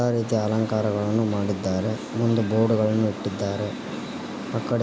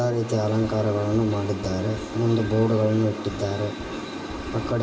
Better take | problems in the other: first | background sound (Drum kit); 20 dB below the speech // room echo; dies away in 0.8 s

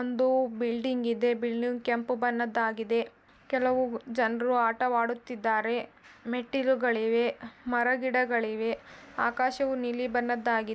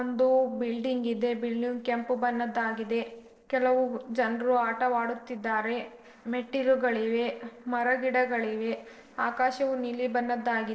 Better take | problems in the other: first | noise reduction (neural separator model SepFormer DNS4)

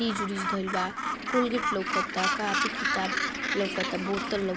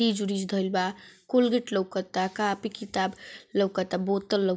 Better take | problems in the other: second | background sound (Gull, seagull); 1 dB above the speech

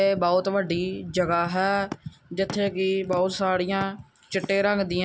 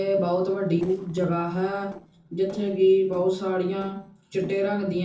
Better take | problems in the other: first | noise reduction (neural separator model SepFormer DNS4)

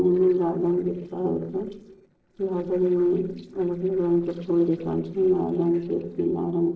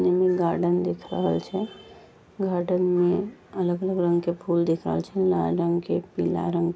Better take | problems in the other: second | noise reduction (neural separator model SepFormer DNS4)

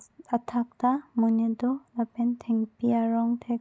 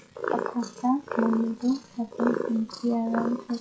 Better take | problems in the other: first | noise reduction (classical method WPE with log-MMSE)

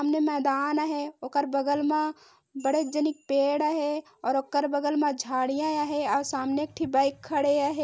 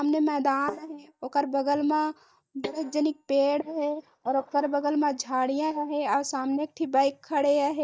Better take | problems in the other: first | noise reduction (neural mask model DeepFilterNet 3)

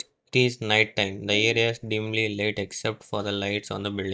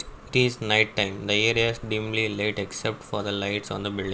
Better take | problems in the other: second | noise reduction (neural mask model DeepFilterNet 3)

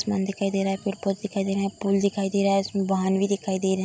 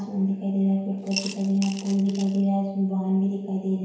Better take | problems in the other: first | background sound (Coin (dropping) / Glass); 13 dB below the speech // room echo; dies away in 1 s

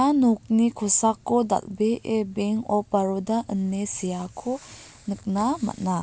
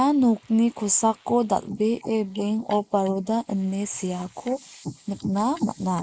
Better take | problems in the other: first | noise reduction (neural mask model Resemble Enhance denoiser)

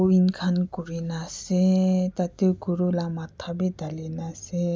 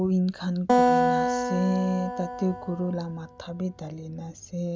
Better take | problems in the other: first | background sound (Acoustic guitar); 2 dB above the speech

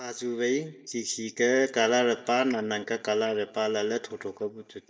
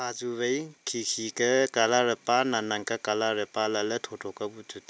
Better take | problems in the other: second | noise reduction (neural mask model DeepFilterNet 3)

